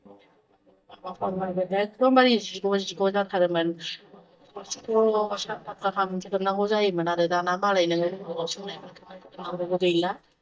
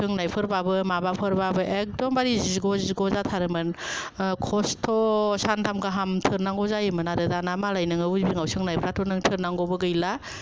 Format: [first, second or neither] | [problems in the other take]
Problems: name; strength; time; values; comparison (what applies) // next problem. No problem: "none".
second | noise reduction (neural mask model DeepFilterNet 3)